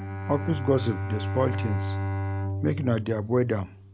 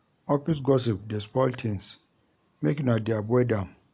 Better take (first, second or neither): second